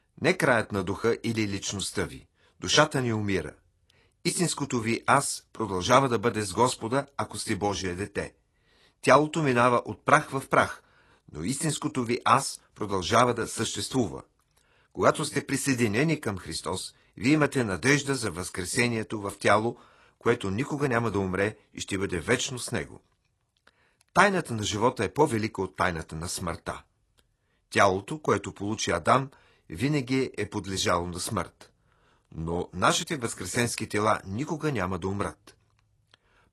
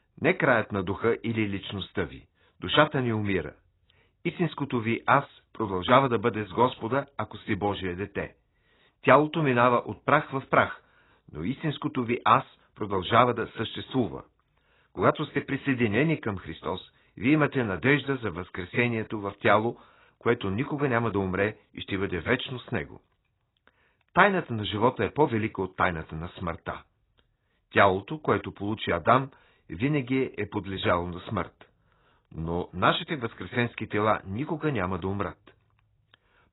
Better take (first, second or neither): first